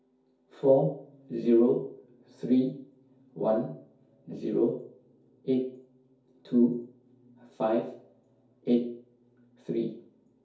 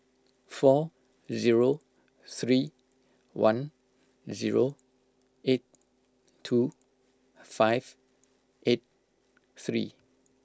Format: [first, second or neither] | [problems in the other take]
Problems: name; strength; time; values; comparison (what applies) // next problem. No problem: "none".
second | room echo; dies away in 0.6 s